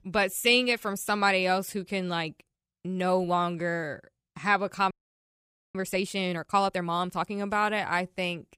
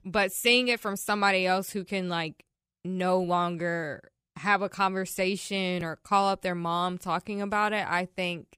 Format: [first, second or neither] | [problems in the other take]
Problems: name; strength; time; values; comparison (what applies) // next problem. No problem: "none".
second | audio freezing; at 5 s for 1 s